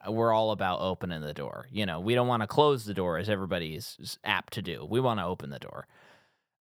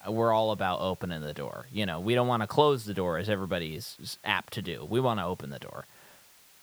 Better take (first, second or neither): first